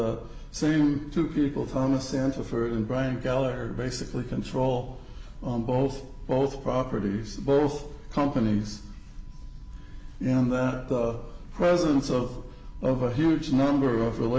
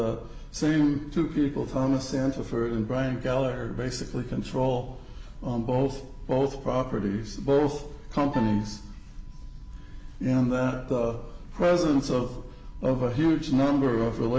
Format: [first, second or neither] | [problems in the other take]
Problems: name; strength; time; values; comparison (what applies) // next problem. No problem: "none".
first | background sound (Piano); 16 dB below the speech